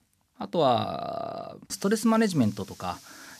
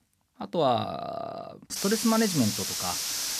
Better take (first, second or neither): first